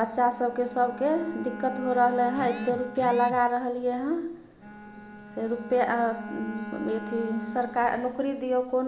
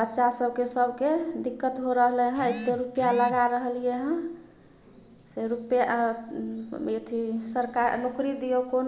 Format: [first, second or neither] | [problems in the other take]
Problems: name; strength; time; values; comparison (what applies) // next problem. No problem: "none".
second | background sound (Bowed string instrument); 13 dB below the speech